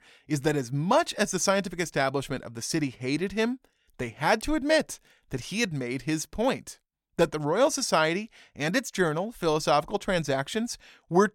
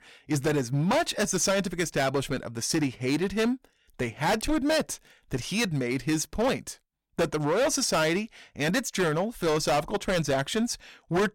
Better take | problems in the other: first | distortion; heavy; 11% of the sound clipped

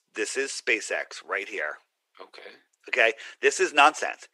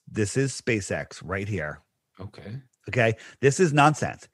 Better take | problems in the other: second | thin; very; fading below 350 Hz

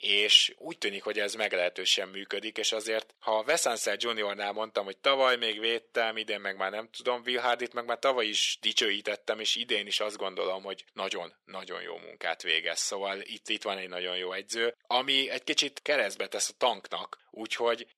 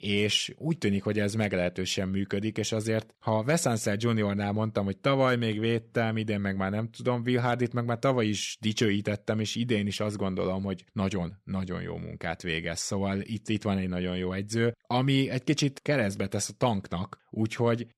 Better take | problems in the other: second | thin; very; fading below 450 Hz

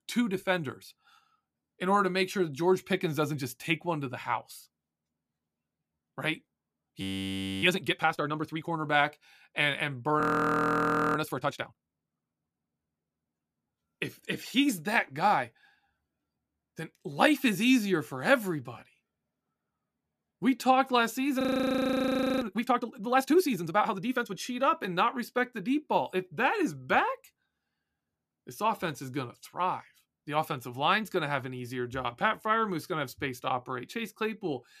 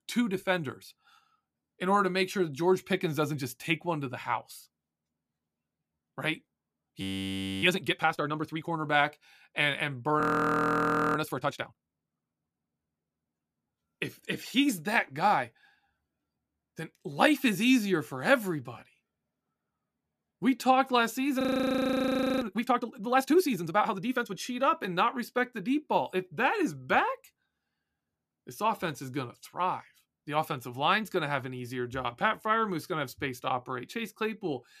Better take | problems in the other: neither | audio freezing; at 7 s for 0.5 s, at 10 s for 1 s and at 21 s for 1 s; the same in both

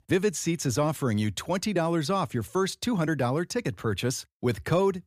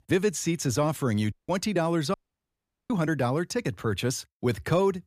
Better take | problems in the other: first | audio cutting out; at 1.5 s and at 2 s for 1 s

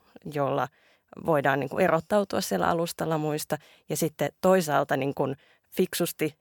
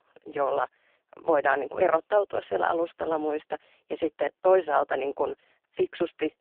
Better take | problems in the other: first | phone-call audio; poor line

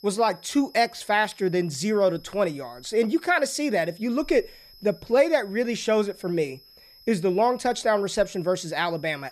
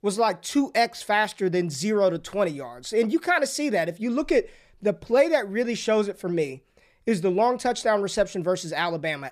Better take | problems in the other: second | high-pitched whine; faint; throughout; 5 kHz, 25 dB below the speech

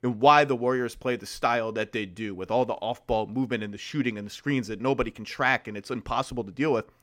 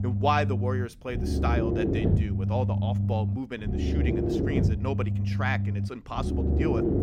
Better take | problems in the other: first | low rumble; loud; throughout; 3 dB below the speech

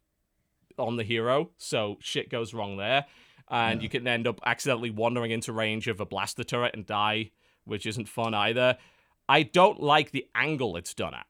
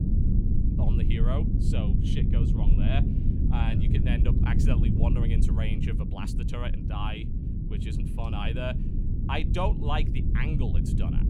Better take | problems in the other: first | low rumble; loud; throughout; 2 dB below the speech

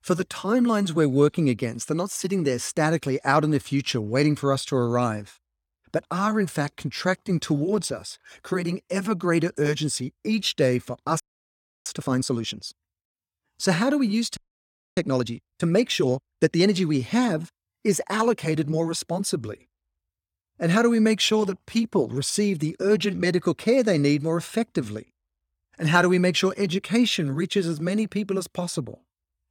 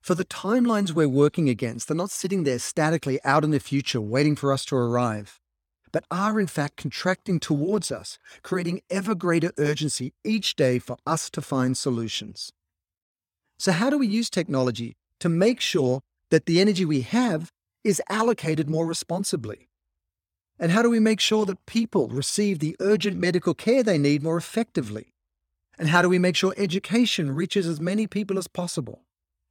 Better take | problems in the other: second | audio freezing; at 11 s for 0.5 s and at 14 s for 0.5 s

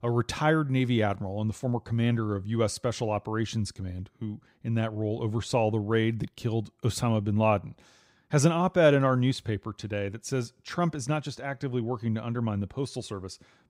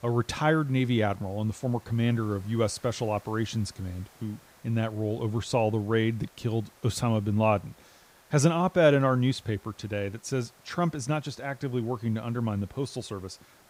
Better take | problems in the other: first | hiss; faint; throughout; 30 dB below the speech

